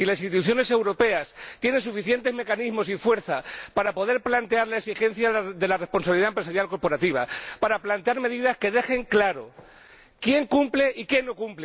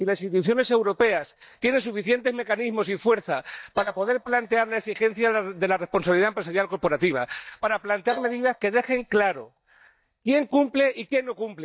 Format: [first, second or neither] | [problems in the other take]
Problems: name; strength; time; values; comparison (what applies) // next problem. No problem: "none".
first | noise reduction (neural mask model DeepFilterNet 3)